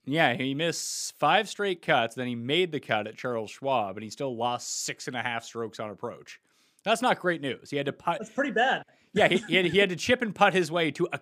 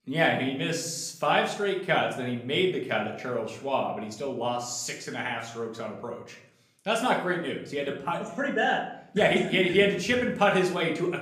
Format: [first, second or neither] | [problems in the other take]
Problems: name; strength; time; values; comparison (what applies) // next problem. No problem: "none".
first | room echo; slight; dies away in 0.6 s // off-mic speech; somewhat distant